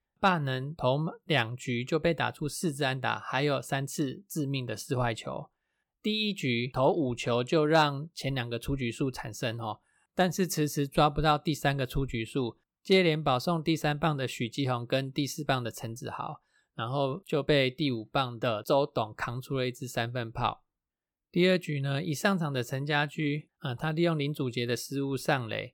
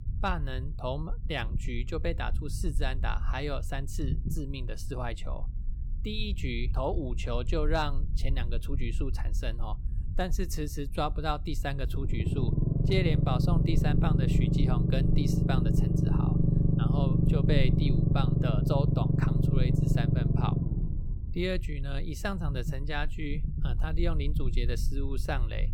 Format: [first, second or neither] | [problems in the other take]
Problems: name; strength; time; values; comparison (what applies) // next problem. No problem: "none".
first | low rumble; loud; throughout; 1 dB below the speech